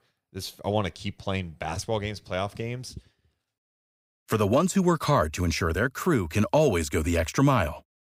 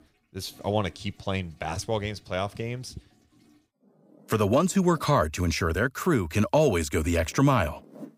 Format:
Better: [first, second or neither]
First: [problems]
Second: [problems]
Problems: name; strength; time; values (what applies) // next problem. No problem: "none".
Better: first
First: none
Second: household noises; faint; throughout; 30 dB below the speech